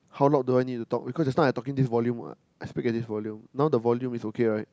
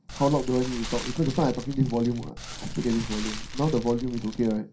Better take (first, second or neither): first